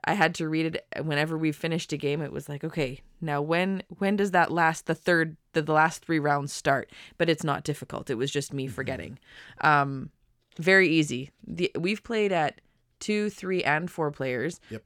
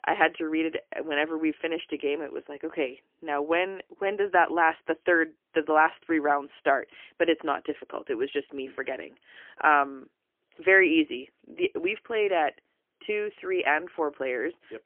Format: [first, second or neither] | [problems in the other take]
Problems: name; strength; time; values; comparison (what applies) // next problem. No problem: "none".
first | phone-call audio; poor line; nothing above 3 kHz